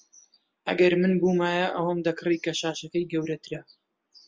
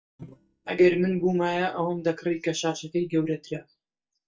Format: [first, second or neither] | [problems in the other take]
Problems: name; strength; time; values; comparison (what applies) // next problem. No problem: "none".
first | noise reduction (neural mask model DeepFilterNet 3)